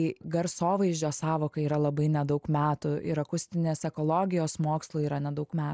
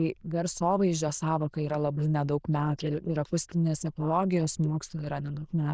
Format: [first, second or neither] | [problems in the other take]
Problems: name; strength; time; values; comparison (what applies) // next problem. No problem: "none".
first | noise reduction (neural diffusion model UNIVERSE++)